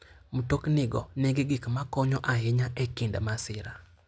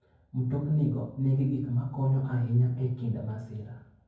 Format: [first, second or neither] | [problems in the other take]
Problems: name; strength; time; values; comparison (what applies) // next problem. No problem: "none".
first | room echo; dies away in 0.9 s